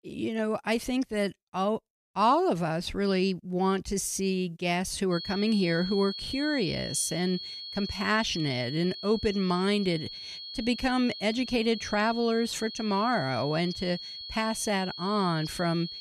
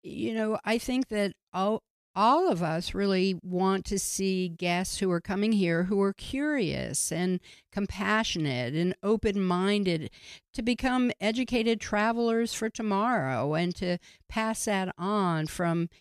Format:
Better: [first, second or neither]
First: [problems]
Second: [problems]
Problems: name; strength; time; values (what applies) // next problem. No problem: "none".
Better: second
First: high-pitched whine; loud; from 5 s on; 4.5 kHz, 9 dB below the speech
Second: none